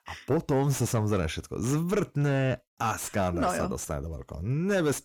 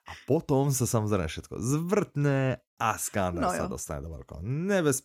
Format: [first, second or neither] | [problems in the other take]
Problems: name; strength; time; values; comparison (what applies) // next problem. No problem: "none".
second | distortion; slight; 10 dB below the speech